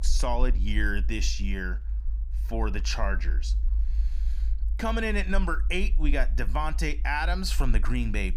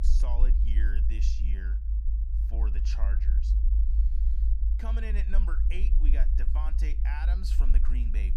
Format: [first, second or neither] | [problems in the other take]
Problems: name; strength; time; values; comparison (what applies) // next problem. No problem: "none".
first | low rumble; loud; throughout; 6 dB below the speech; faint in the first